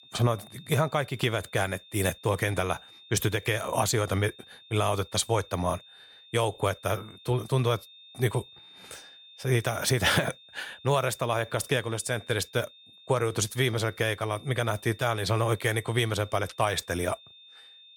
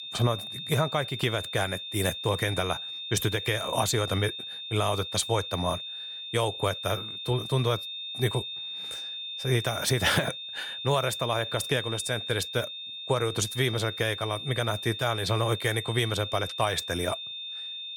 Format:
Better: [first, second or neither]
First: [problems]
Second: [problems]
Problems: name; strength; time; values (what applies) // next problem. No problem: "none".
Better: first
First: high-pitched whine; faint; throughout; 3.5 kHz, 20 dB below the speech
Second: high-pitched whine; loud; throughout; 3.5 kHz, 6 dB below the speech